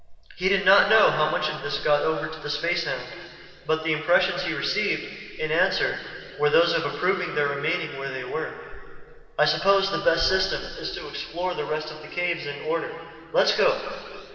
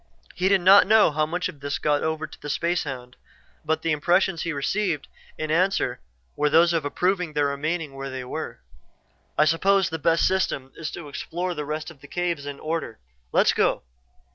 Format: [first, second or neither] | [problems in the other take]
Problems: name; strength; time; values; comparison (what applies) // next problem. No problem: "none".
second | room echo; dies away in 2.5 s